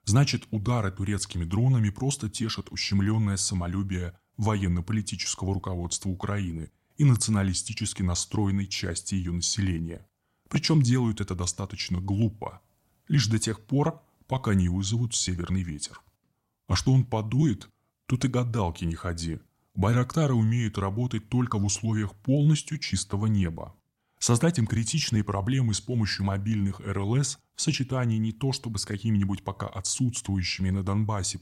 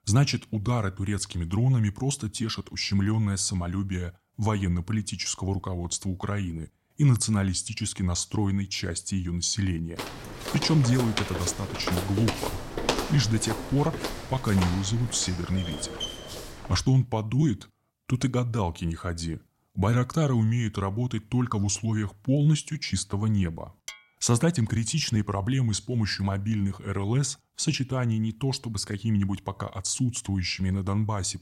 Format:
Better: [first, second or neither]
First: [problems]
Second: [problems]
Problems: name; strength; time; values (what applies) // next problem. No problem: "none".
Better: first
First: none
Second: footsteps; noticeable; from 10 to 17 s; peak 1 dB below the speech // clattering dishes; faint; at 24 s; peak 15 dB below the speech